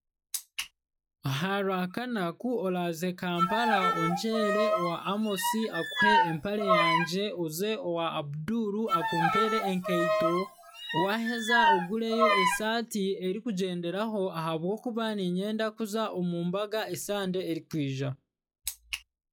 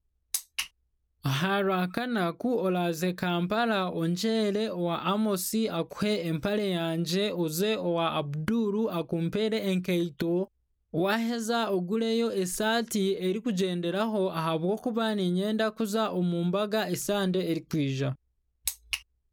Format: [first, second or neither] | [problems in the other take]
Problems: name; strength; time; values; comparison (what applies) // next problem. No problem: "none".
second | noise reduction (classical method log-MMSE)